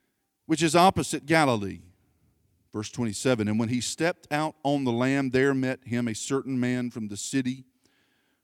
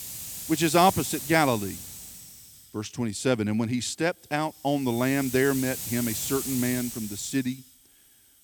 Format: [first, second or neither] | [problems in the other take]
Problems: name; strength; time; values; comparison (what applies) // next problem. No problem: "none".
first | hiss; loud; throughout; 8 dB below the speech